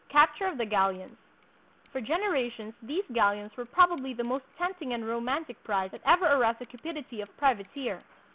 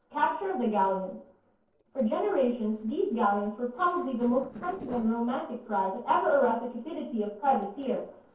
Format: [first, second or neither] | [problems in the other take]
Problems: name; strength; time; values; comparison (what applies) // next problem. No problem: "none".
first | noise reduction (neural separator model SepFormer DNS4)